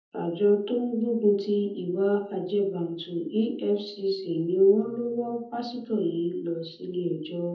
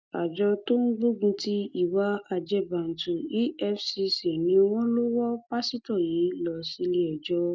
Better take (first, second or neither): second